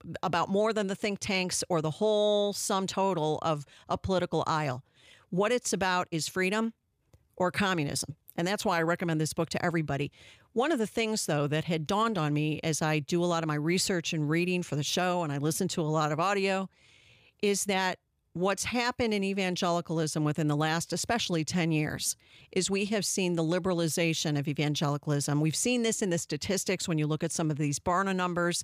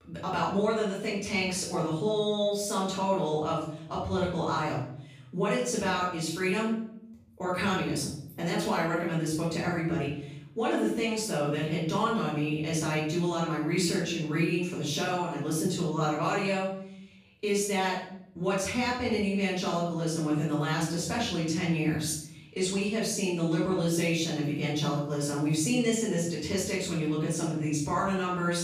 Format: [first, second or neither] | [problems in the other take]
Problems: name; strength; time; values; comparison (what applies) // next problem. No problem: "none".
first | off-mic speech; far // room echo; noticeable; dies away in 0.6 s